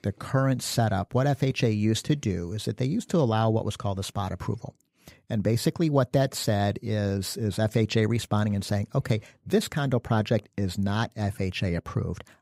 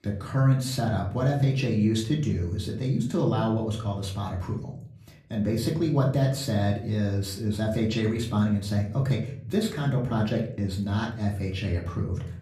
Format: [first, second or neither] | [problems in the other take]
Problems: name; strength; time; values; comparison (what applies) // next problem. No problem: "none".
first | off-mic speech; far // room echo; slight; dies away in 0.6 s